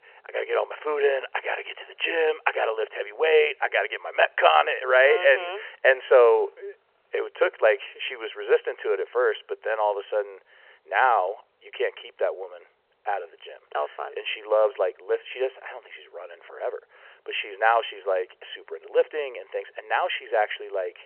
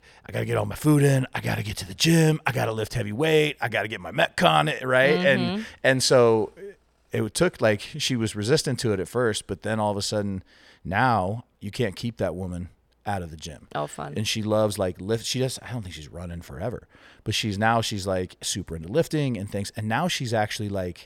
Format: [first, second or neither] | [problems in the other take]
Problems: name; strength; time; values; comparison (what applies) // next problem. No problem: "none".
second | phone-call audio; nothing above 3 kHz